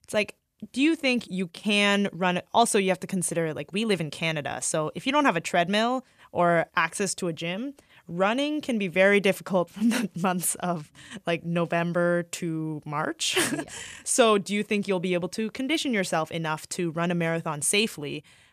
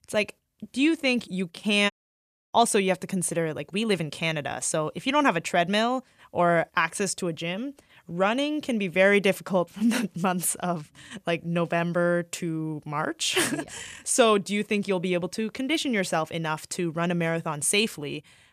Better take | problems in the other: first | audio cutting out; at 2 s for 0.5 s

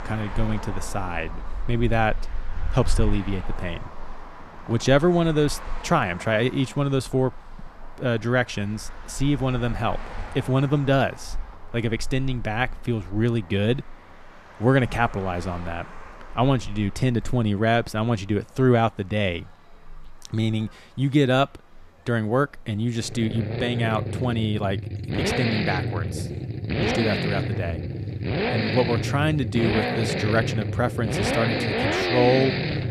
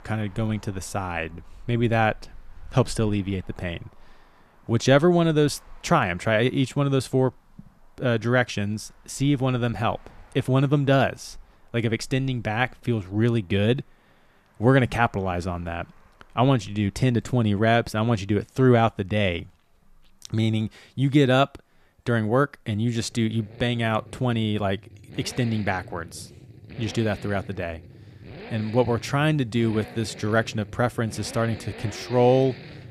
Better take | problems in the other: second | traffic noise; loud; throughout; 4 dB below the speech; faint in the second

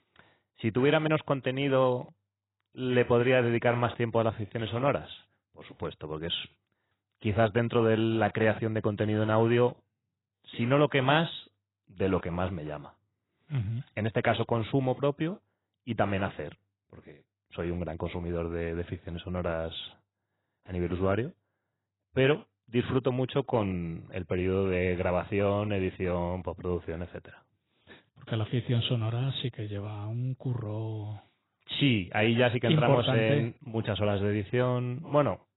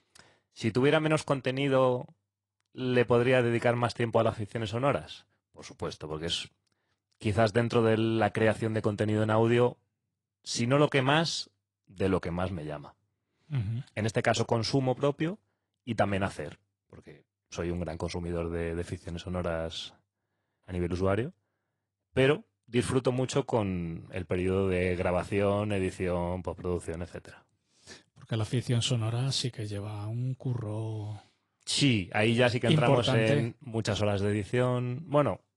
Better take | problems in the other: second | garbled, watery; badly; nothing above 4 kHz; slightly in the second

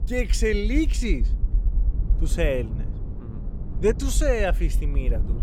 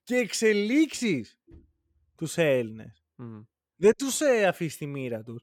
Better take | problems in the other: second | low rumble; noticeable; throughout; 20 dB below the speech

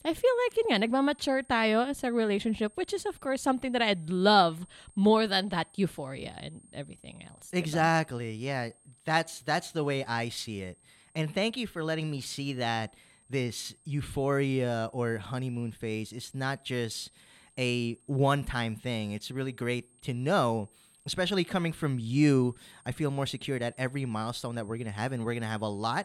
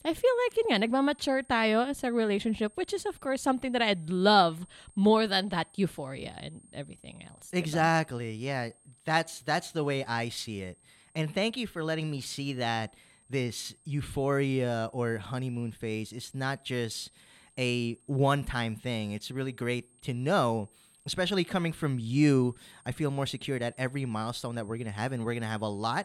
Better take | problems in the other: neither | high-pitched whine; faint; throughout; 8.5 kHz, 30 dB below the speech; the same in both

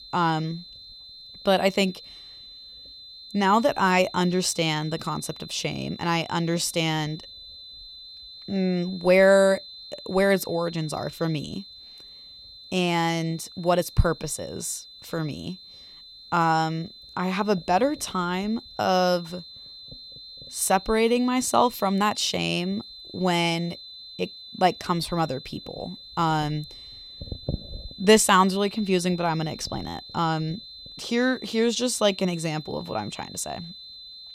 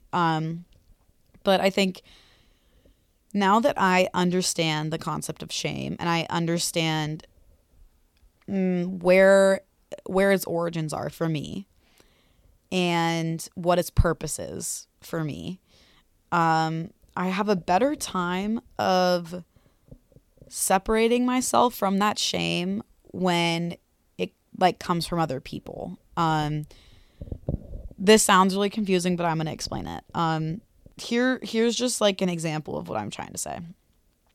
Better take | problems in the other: second | high-pitched whine; noticeable; throughout; 4 kHz, 15 dB below the speech

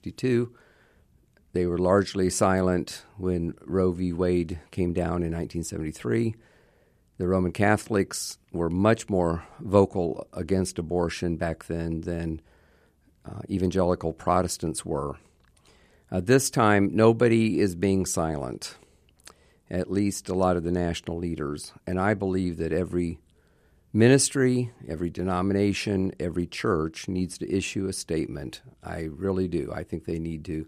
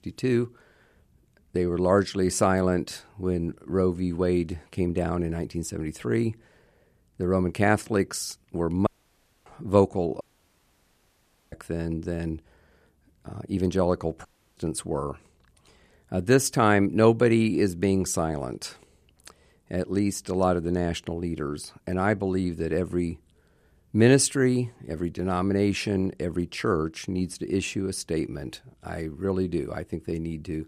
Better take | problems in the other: first | audio cutting out; at 9 s for 0.5 s, at 10 s for 1.5 s and at 14 s

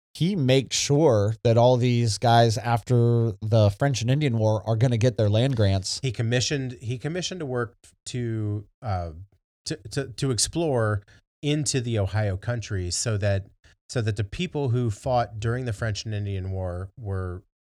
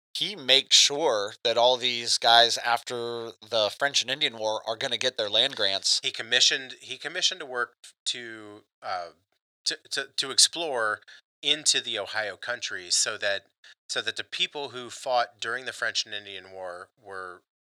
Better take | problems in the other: first | thin; very; fading below 750 Hz

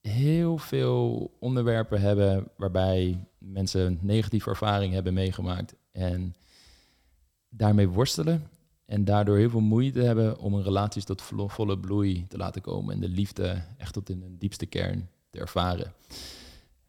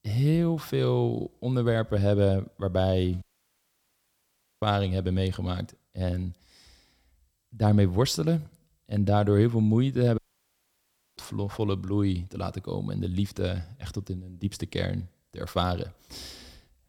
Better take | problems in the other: first | audio cutting out; at 3 s for 1.5 s and at 10 s for 1 s

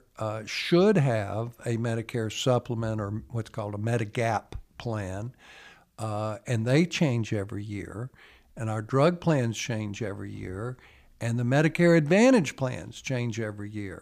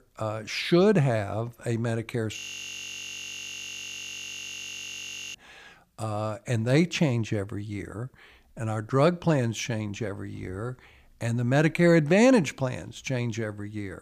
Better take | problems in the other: first | audio freezing; at 2.5 s for 3 s

